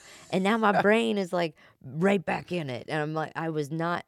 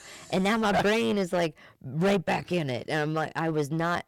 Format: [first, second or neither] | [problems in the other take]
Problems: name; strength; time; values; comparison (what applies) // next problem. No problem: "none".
first | distortion; heavy; 13% of the sound clipped